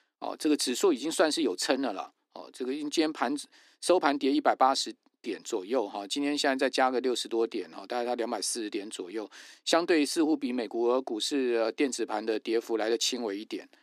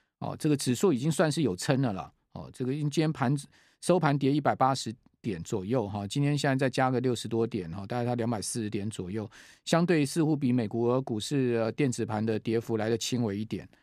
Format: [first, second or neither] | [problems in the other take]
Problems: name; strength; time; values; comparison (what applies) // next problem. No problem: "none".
second | thin; very slightly; fading below 300 Hz